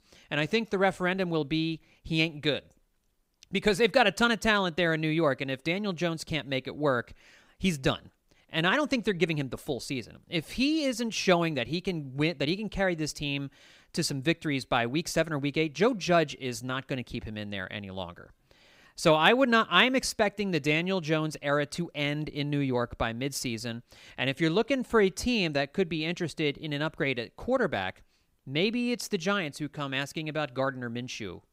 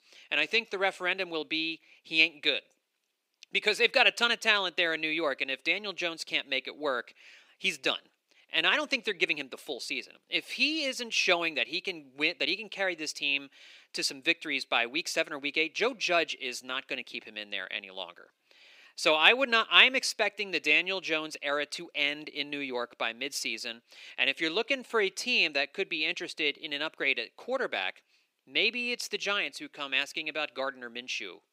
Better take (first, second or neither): first